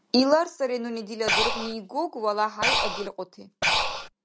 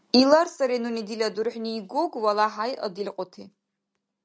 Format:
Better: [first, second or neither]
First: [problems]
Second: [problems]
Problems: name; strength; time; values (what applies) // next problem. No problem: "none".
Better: second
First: background sound (Breathing); 2 dB above the speech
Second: none